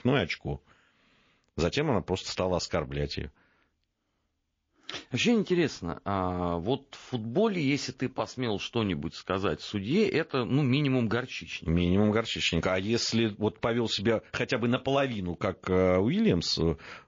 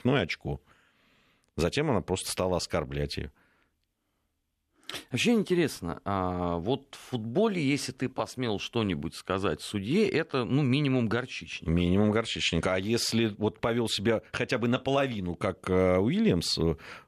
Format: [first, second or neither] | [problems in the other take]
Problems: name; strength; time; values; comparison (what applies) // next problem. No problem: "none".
second | garbled, watery; slightly; nothing above 7 kHz